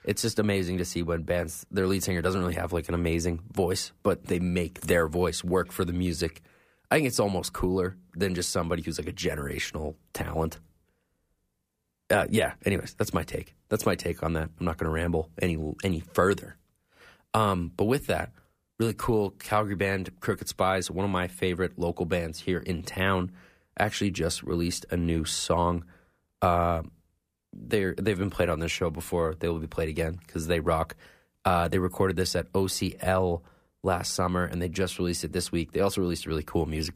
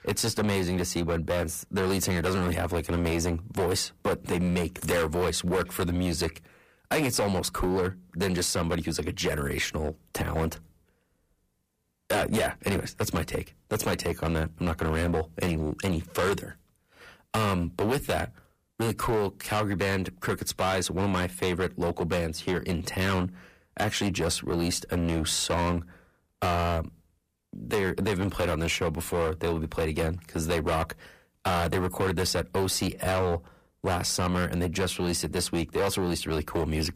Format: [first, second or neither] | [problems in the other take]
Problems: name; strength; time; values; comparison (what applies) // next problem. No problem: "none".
first | distortion; heavy; 13% of the sound clipped